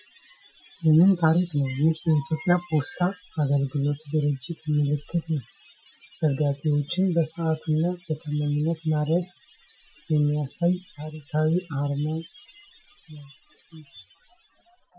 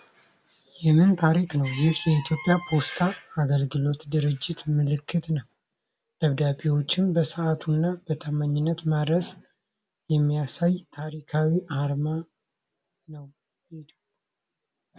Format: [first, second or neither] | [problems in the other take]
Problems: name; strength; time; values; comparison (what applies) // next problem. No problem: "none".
second | noise reduction (classical method Wiener filter)